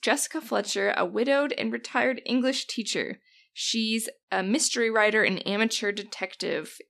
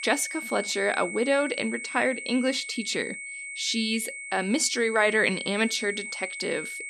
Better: first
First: none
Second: high-pitched whine; loud; throughout; 2 kHz, 8 dB below the speech

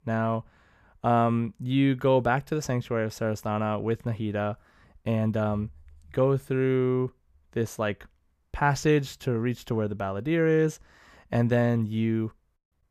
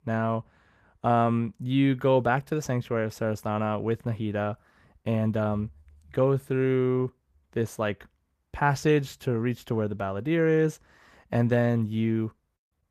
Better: first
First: none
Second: garbled, watery; slightly; nothing above 14.5 kHz

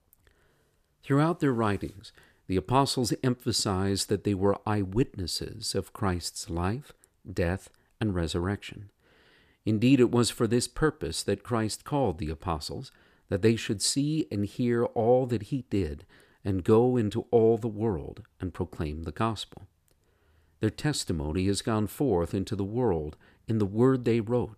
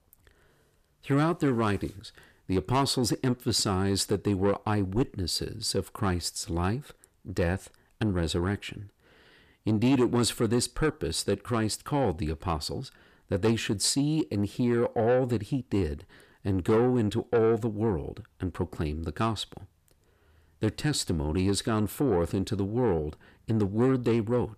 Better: first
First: none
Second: distortion; slight; 10 dB below the speech

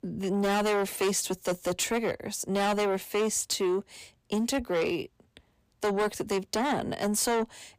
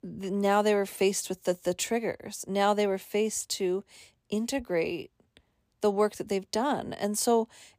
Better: second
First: distortion; heavy; 7 dB below the speech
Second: none

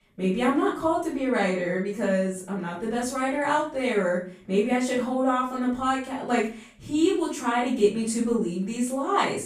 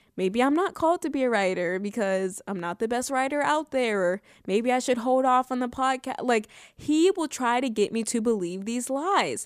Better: second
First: off-mic speech; far // room echo; noticeable; dies away in 0.4 s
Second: none

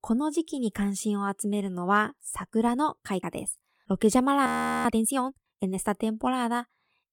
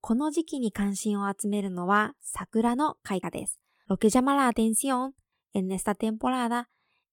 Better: second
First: audio freezing; at 4.5 s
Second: none

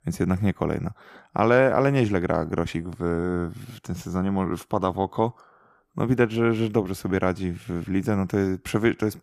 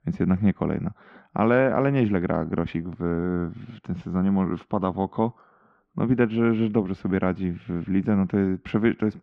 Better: first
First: none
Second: muffled; slightly; fading above 3 kHz

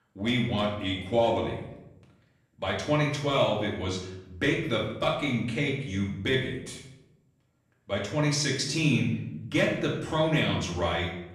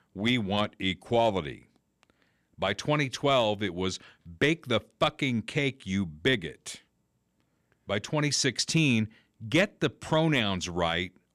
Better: second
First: off-mic speech; far // room echo; noticeable; dies away in 0.7 s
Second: none

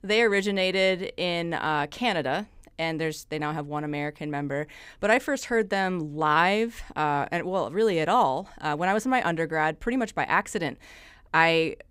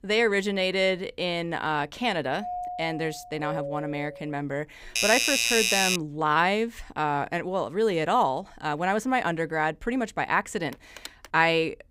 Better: first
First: none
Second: doorbell; noticeable; from 2.5 to 4.5 s; peak 7 dB below the speech // doorbell; loud; from 5 to 6 s; peak 5 dB above the speech // phone ringing; faint; at 11 s; peak 15 dB below the speech

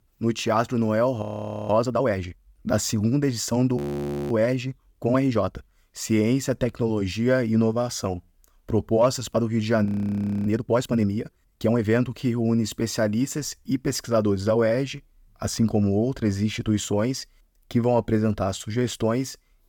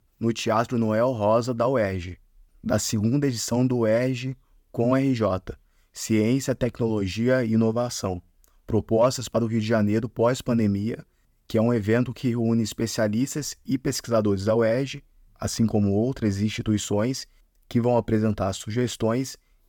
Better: second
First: audio freezing; at 1 s, at 4 s for 0.5 s and at 10 s for 0.5 s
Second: none

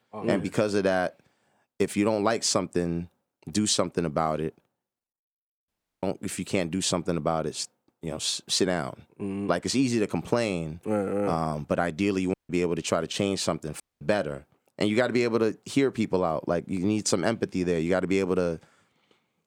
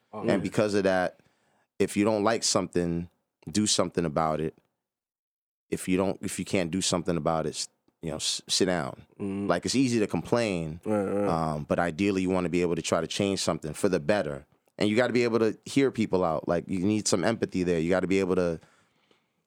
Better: second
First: audio cutting out; at 5.5 s, at 12 s and at 14 s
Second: none

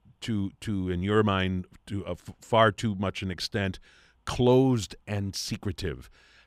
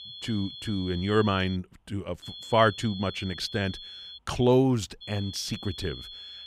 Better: first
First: none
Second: high-pitched whine; noticeable; until 1.5 s, from 2 to 4 s and from 5 s on; 3.5 kHz, 15 dB below the speech

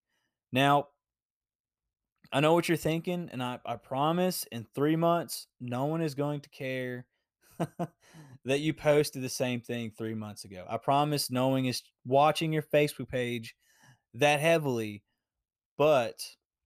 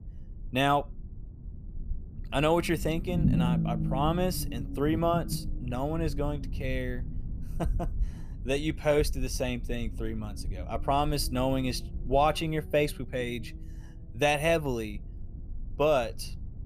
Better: first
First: none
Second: low rumble; noticeable; throughout; 15 dB below the speech

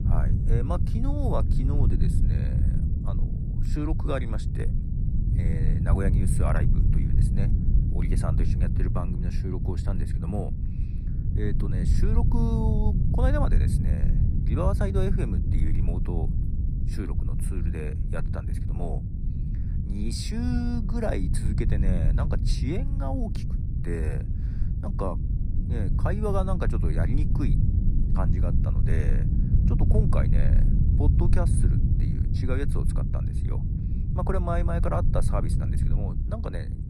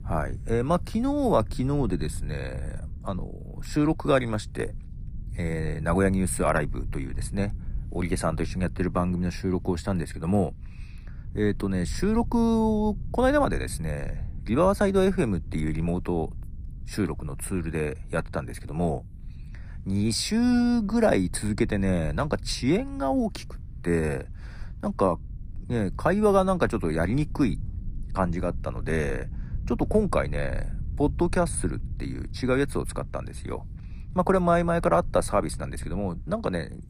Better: second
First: low rumble; loud; throughout; 4 dB below the speech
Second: low rumble; faint; throughout; 25 dB below the speech

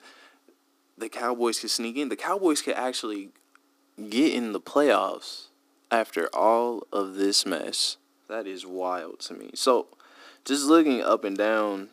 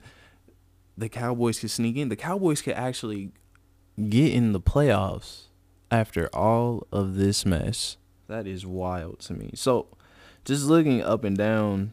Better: second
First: thin; somewhat; fading below 300 Hz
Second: none

